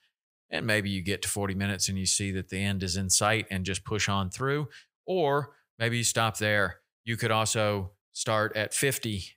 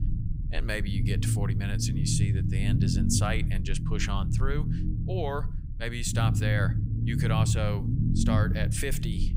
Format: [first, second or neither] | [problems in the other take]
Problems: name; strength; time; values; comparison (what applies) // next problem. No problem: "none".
first | low rumble; loud; throughout; 5 dB below the speech